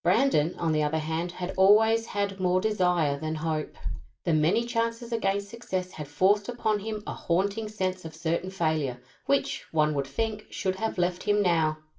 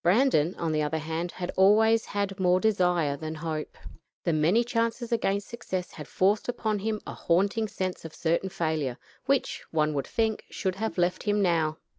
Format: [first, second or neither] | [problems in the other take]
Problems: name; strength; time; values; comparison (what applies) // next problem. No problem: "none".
second | room echo; dies away in 0.3 s